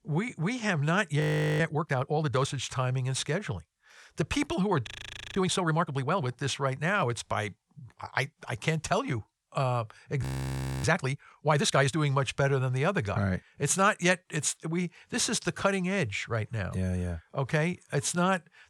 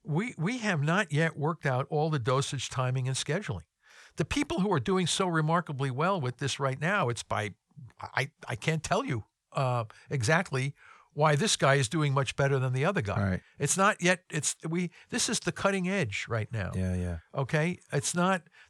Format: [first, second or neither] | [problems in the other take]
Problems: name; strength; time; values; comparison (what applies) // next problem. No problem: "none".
second | audio freezing; at 1 s, at 5 s and at 10 s for 0.5 s